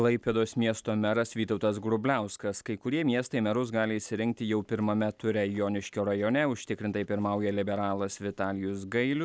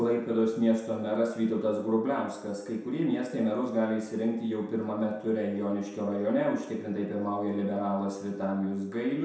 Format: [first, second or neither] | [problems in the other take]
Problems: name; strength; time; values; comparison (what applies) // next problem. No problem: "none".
first | room echo; dies away in 0.7 s